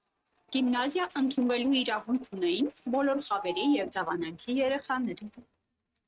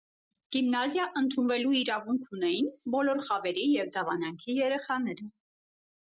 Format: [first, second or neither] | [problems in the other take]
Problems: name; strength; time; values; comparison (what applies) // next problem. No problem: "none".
second | noise reduction (neural mask model RNNoise)